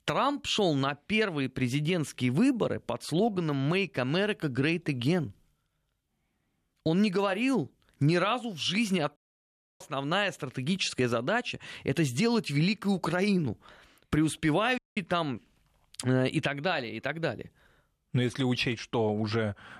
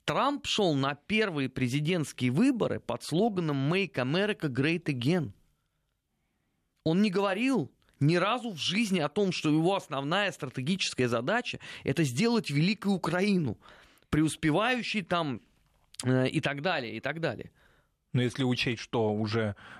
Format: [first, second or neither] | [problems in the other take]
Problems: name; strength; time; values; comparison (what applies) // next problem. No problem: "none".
second | audio cutting out; at 9 s for 0.5 s and at 15 s